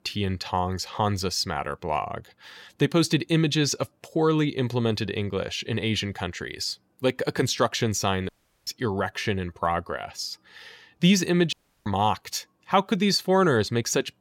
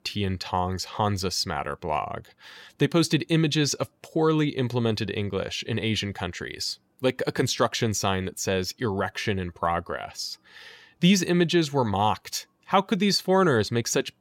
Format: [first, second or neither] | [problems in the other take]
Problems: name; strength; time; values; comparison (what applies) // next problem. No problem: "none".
second | audio cutting out; at 8.5 s and at 12 s